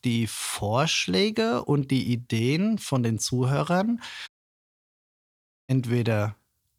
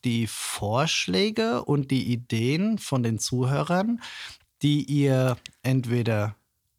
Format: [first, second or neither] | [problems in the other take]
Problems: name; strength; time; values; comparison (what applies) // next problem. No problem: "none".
second | audio cutting out; at 4.5 s for 1.5 s